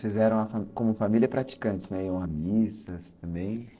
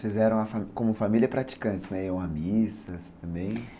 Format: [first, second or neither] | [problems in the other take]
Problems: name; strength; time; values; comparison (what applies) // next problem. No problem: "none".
second | noise reduction (neural separator model SepFormer DNS4)